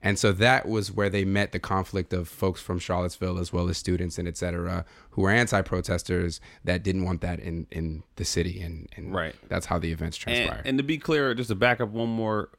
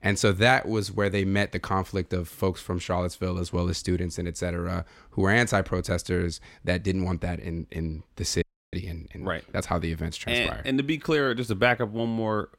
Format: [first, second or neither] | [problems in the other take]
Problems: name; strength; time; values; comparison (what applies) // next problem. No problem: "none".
first | audio freezing; at 8.5 s